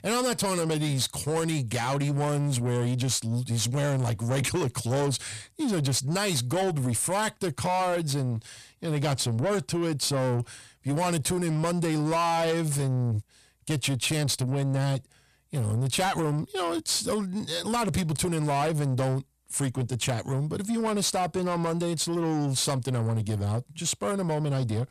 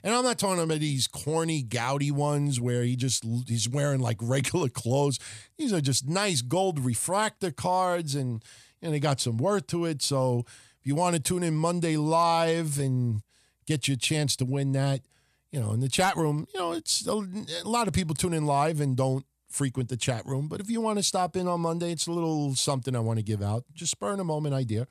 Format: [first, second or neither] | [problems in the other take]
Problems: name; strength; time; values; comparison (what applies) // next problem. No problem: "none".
second | distortion; slight; 10 dB below the speech